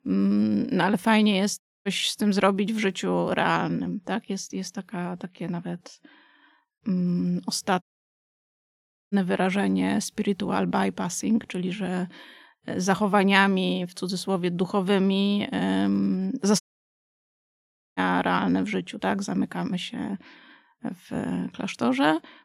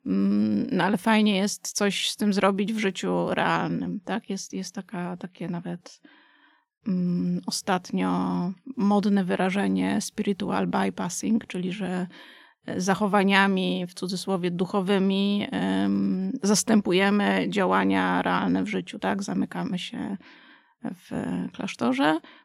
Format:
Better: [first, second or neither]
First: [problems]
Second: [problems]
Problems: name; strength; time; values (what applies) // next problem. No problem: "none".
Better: second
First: audio cutting out; at 1.5 s, at 8 s for 1.5 s and at 17 s for 1.5 s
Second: none